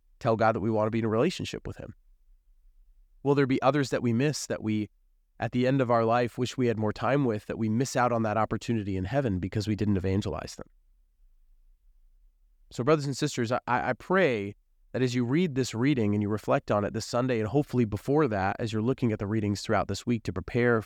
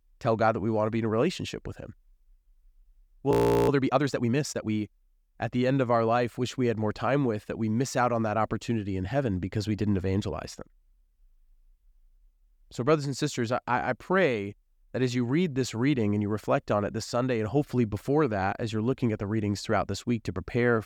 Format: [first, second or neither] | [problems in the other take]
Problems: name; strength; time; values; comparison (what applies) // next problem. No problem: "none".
first | audio freezing; at 3.5 s